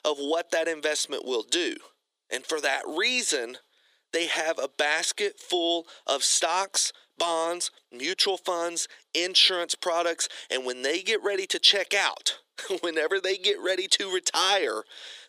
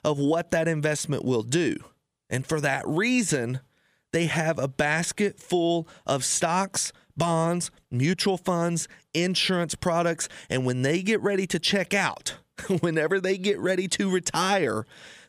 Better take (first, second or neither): second